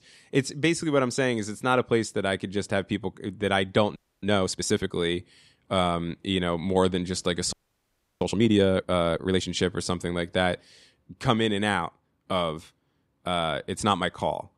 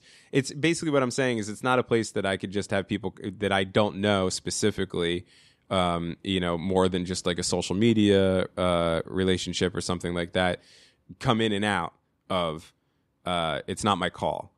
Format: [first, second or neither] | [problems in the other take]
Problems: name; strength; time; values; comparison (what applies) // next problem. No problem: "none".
second | audio freezing; at 4 s and at 7.5 s for 0.5 s